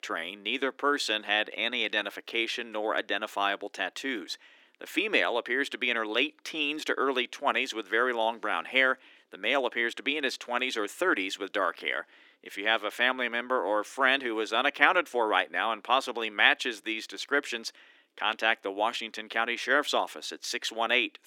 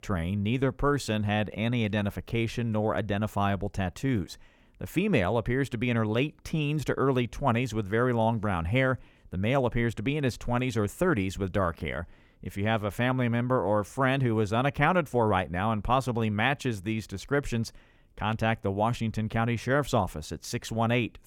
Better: second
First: thin; very; fading below 300 Hz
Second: none

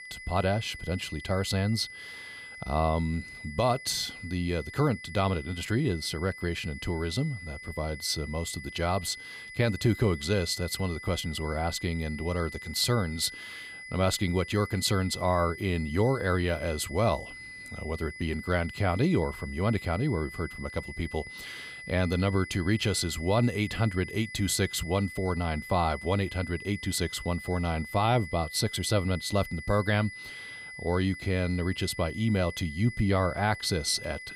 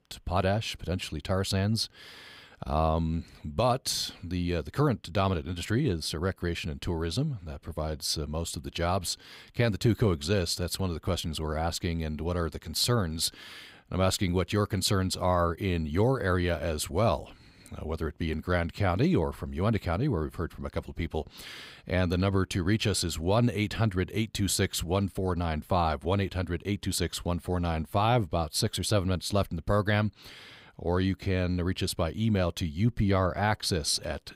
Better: second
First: high-pitched whine; noticeable; throughout; 2 kHz, 10 dB below the speech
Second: none

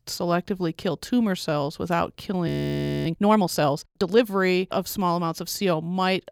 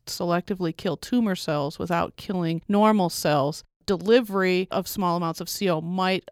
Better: second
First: audio freezing; at 2.5 s for 0.5 s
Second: none

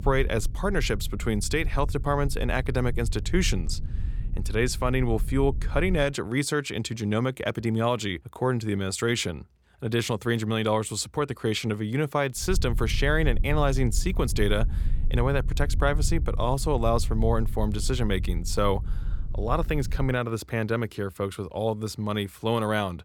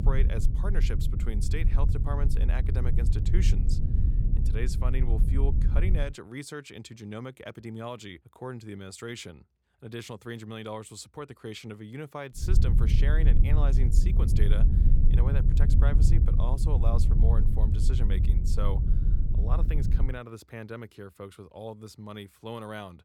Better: first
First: low rumble; faint; until 6 s and from 12 to 20 s; 20 dB below the speech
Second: low rumble; loud; until 6 s and from 12 to 20 s; 3 dB below the speech

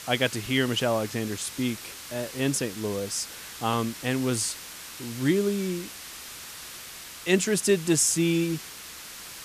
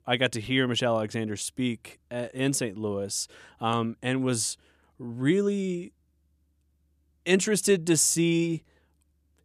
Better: second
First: hiss; noticeable; throughout; 10 dB below the speech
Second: none

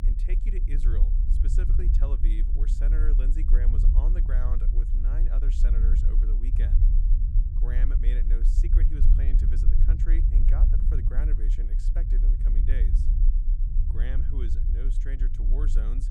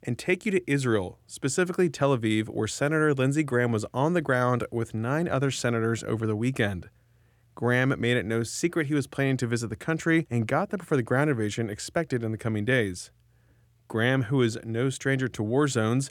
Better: second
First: low rumble; loud; throughout; 1 dB below the speech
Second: none

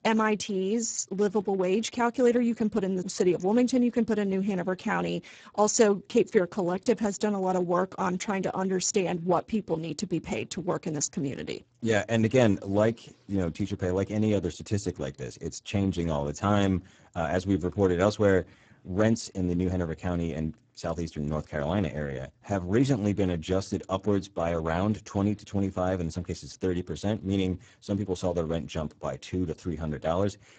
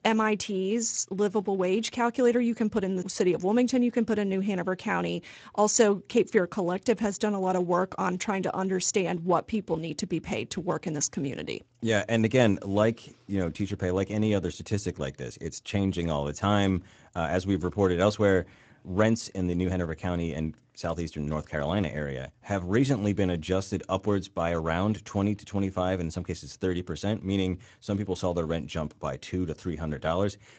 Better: second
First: garbled, watery; badly; nothing above 7.5 kHz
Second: garbled, watery; slightly; nothing above 7.5 kHz

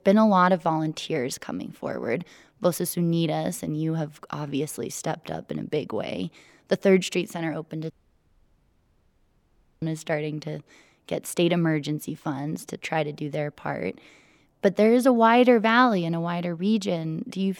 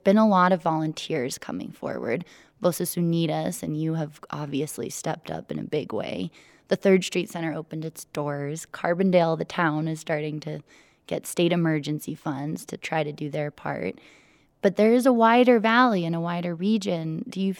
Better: second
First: audio cutting out; at 8 s for 2 s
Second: none

